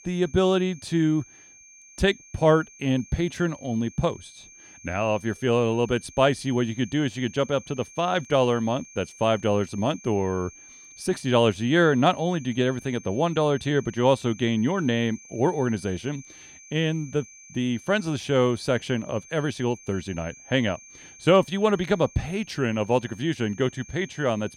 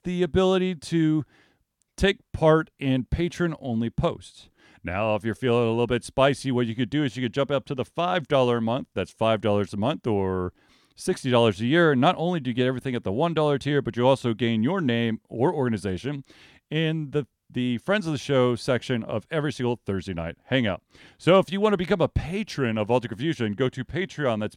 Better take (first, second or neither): second